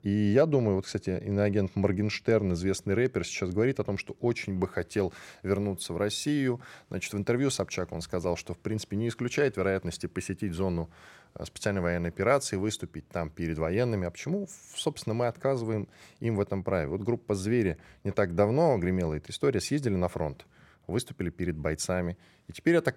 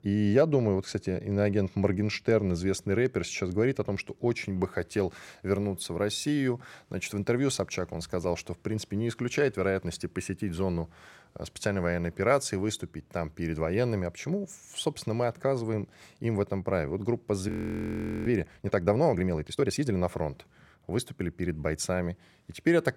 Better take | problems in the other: first | audio freezing; at 17 s for 1 s

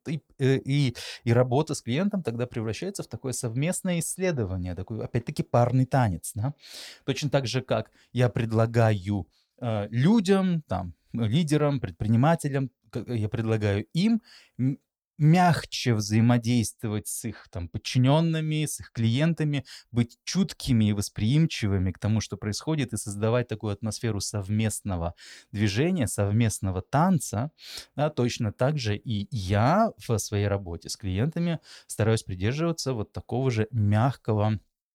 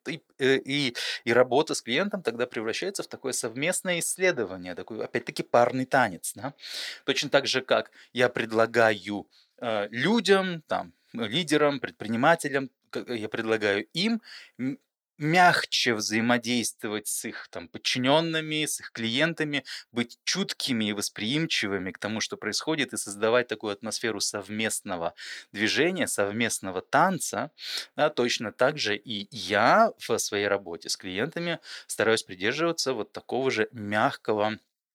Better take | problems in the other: first | thin; somewhat; fading below 350 Hz

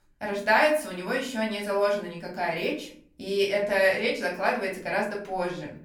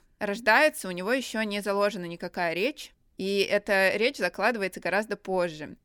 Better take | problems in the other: second | room echo; slight; dies away in 0.5 s // off-mic speech; far

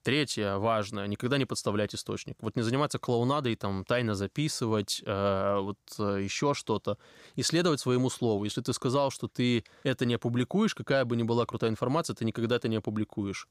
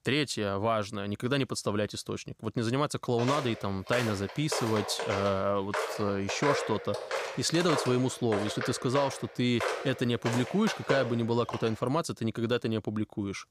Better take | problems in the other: first | footsteps; noticeable; from 3 to 12 s; peak 1 dB below the speech

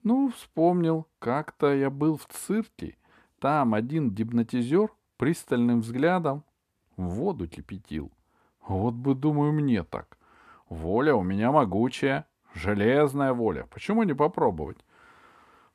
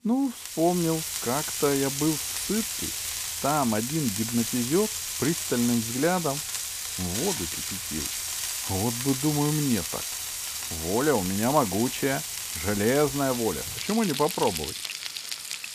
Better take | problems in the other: first | household noises; loud; throughout; 2 dB below the speech

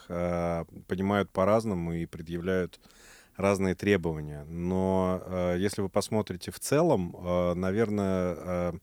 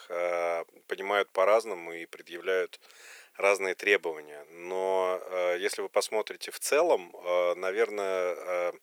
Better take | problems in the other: first | thin; very; fading below 450 Hz

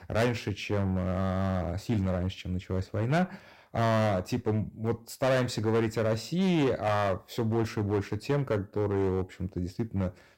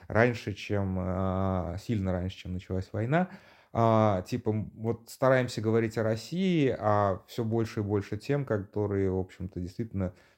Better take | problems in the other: second | distortion; heavy; 9% of the sound clipped

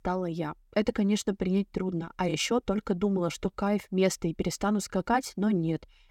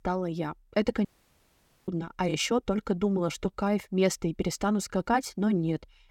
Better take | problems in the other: first | audio cutting out; at 1 s for 1 s

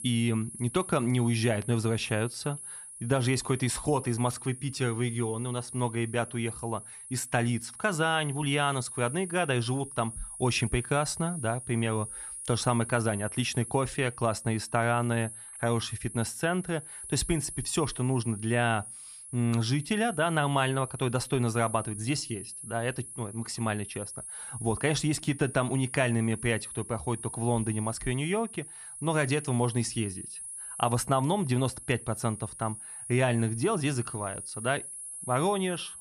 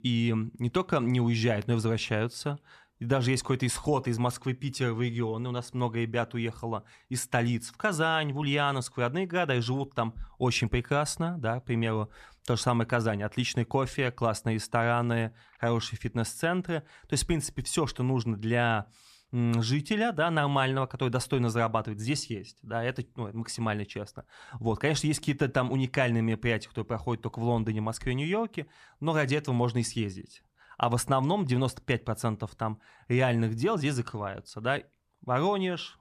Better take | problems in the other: second | high-pitched whine; noticeable; throughout; 10.5 kHz, 10 dB below the speech

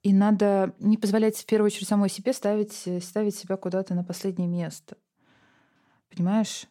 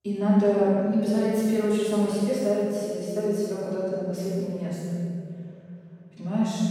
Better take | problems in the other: first | off-mic speech; far // room echo; strong; dies away in 3 s

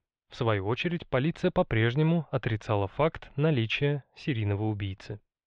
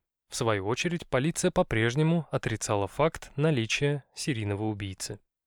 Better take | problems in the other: second | muffled; very; fading above 3.5 kHz

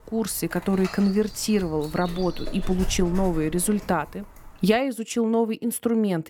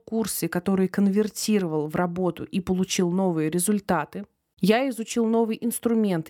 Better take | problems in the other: second | dog barking; noticeable; from 1 to 4.5 s; peak 10 dB below the speech

